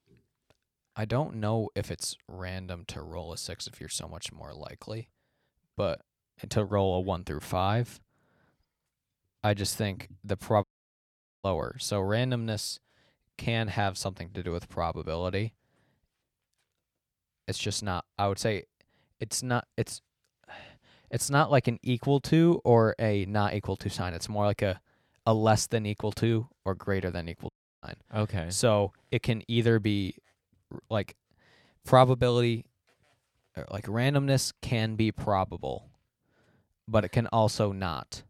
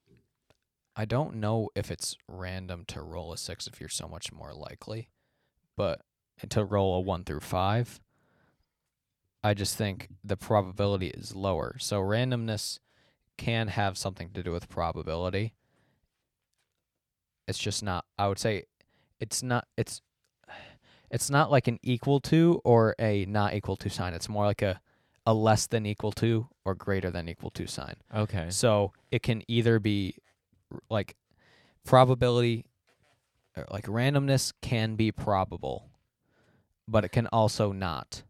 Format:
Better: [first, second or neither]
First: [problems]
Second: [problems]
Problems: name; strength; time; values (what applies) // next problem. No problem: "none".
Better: second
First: audio cutting out; at 11 s for 1 s and at 28 s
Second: none